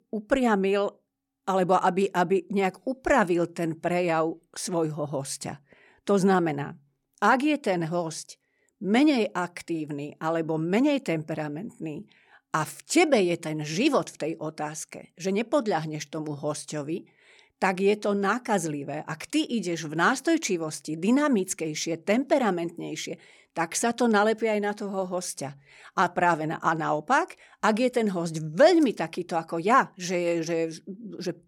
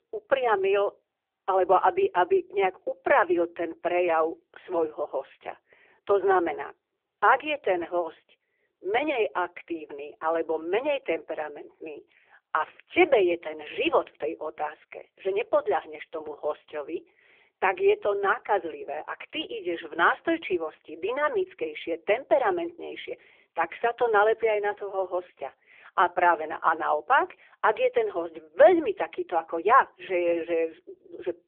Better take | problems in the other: first | phone-call audio; poor line; nothing above 3 kHz

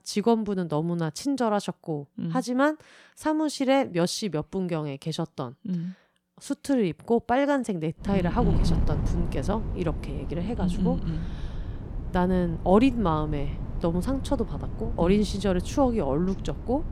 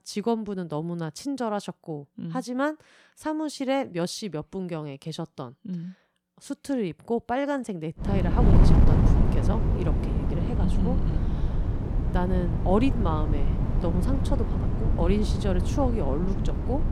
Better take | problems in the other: first | wind noise on the microphone; heavy; from 8 s on; 4 dB below the speech; occasional gusts in the first

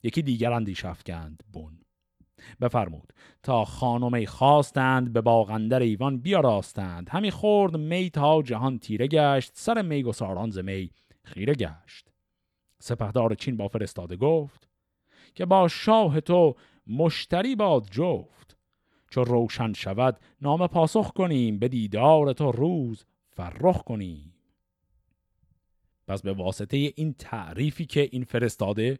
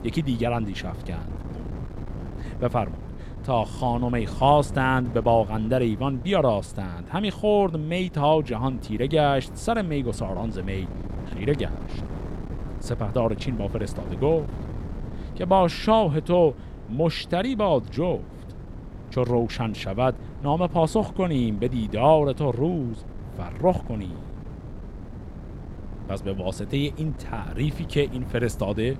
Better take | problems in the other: first | wind noise on the microphone; occasional gusts; 20 dB below the speech

